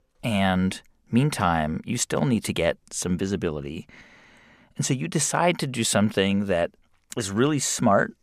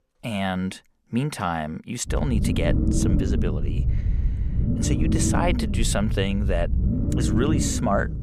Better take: first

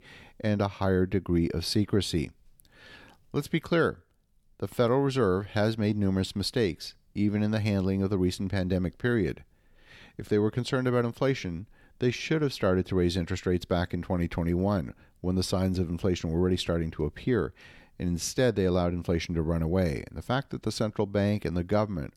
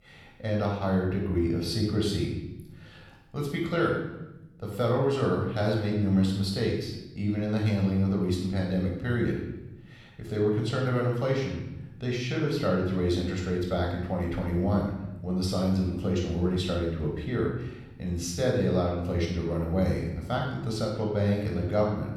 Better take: first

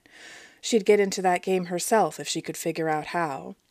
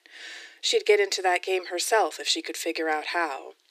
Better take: first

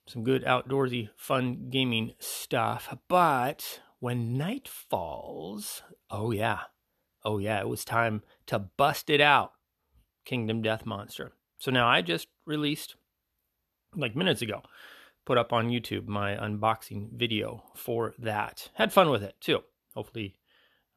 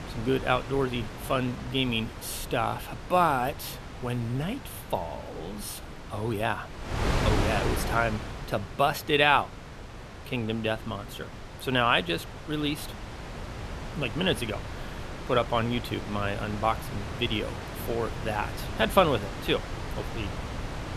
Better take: first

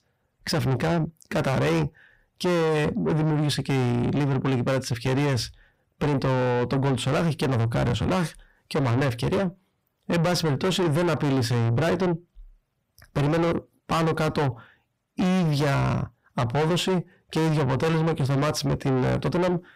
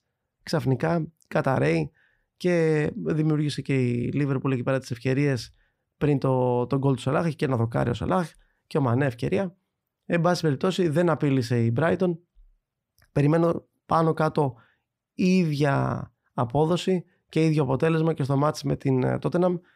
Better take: second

